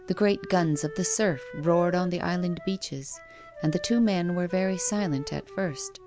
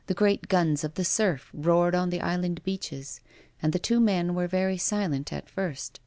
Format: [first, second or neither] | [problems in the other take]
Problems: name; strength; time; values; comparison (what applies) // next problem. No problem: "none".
second | background sound (Wind instrument, woodwind instrument); 15 dB below the speech